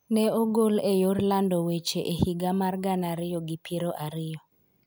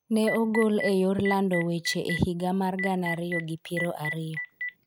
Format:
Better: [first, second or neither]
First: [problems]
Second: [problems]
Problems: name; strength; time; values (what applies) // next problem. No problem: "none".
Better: first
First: none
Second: noise reduction (neural mask model RNNoise)